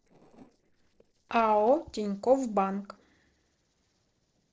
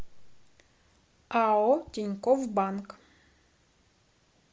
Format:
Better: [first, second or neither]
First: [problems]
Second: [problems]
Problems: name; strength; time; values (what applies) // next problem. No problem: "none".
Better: second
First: noise reduction (neural separator model SepFormer DNS4)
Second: none